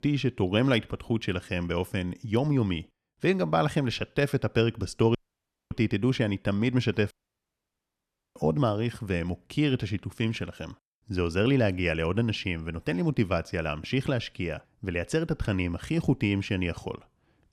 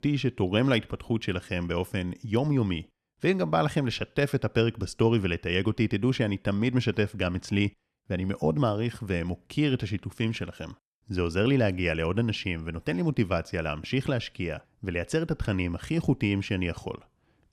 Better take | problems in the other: second | audio cutting out; at 5 s for 0.5 s and at 7 s for 1 s

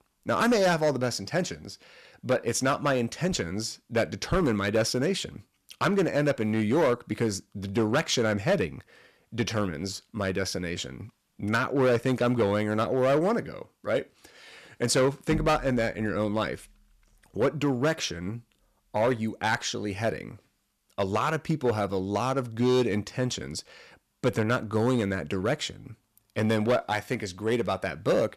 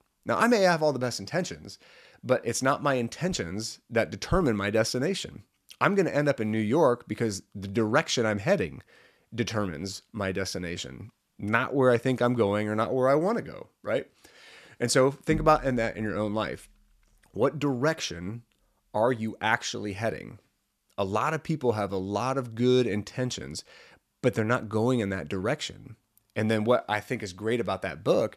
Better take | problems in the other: second | distortion; slight; 5% of the sound clipped

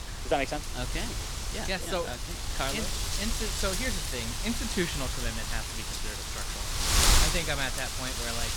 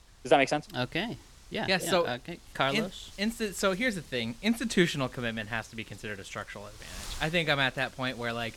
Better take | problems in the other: second | wind noise on the microphone; heavy; 2 dB above the speech; occasional gusts in the second

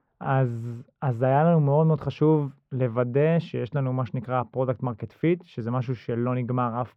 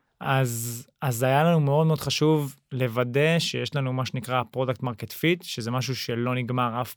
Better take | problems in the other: second | muffled; very; fading above 3.5 kHz

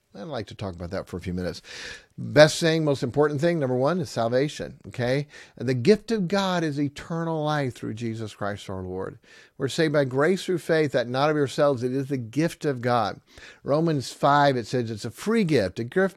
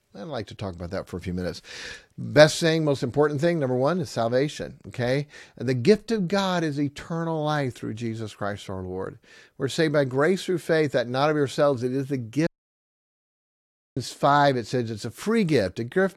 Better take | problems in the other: first | audio cutting out; at 12 s for 1.5 s

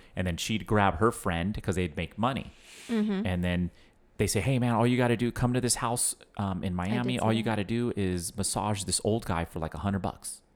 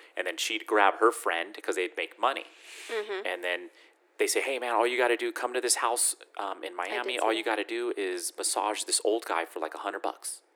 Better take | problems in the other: first | thin; very; fading below 300 Hz

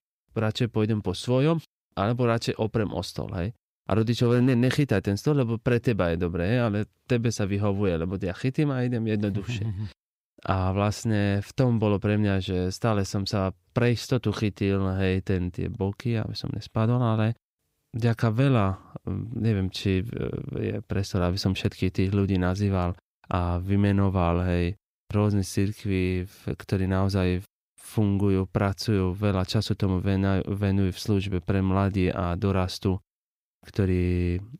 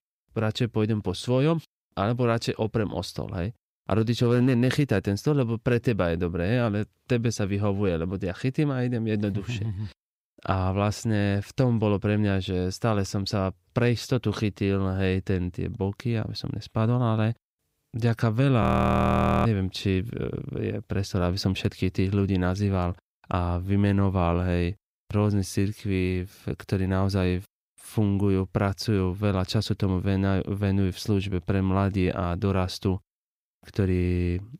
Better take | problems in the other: first | audio freezing; at 19 s for 1 s

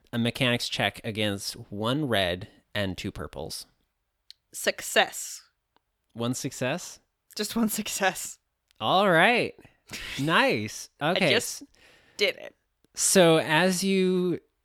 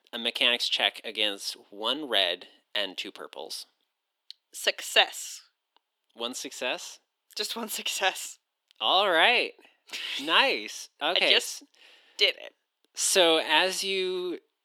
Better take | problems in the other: first | thin; somewhat; fading below 300 Hz

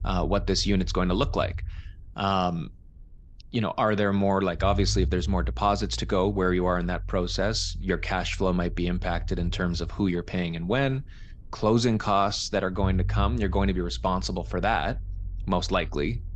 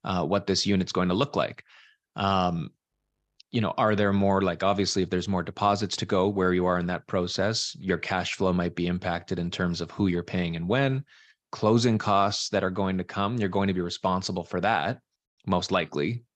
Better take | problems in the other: second | low rumble; faint; throughout; 25 dB below the speech

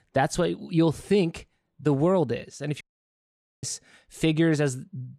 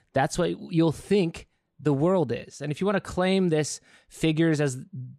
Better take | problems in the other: second | audio cutting out; at 3 s for 1 s

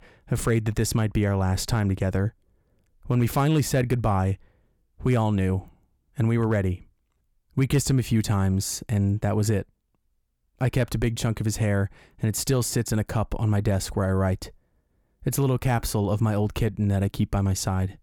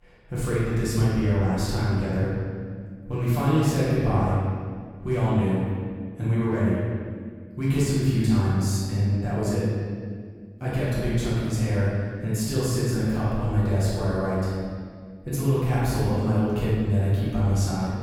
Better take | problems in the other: first | room echo; strong; dies away in 1.8 s // off-mic speech; far

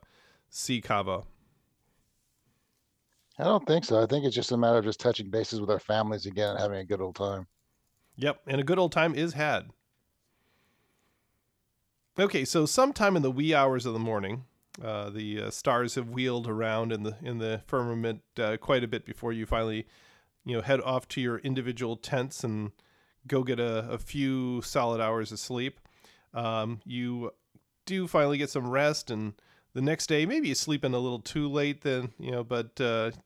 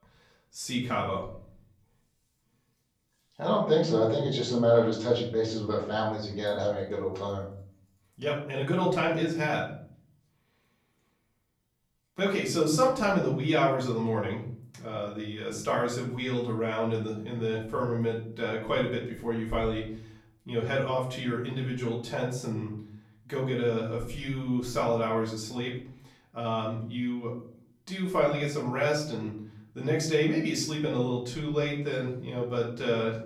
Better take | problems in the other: first | room echo; slight; dies away in 0.5 s // off-mic speech; far

